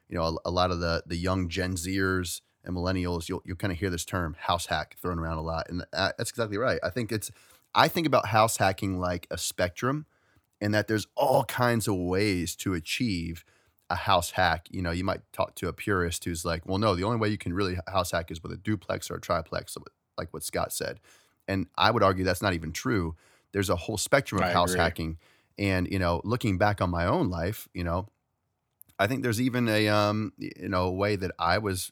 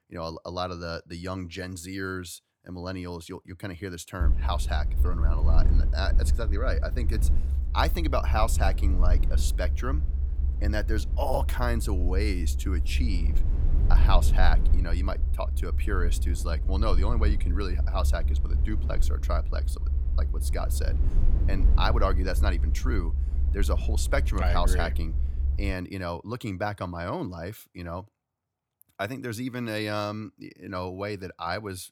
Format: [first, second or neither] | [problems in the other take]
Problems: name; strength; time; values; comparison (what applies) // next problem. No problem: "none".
first | low rumble; noticeable; from 4 to 26 s; 15 dB below the speech